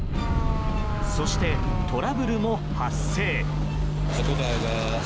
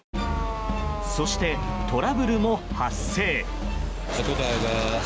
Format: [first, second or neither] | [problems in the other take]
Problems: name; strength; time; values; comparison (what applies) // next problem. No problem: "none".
second | background sound (Microwave oven); 1 dB above the speech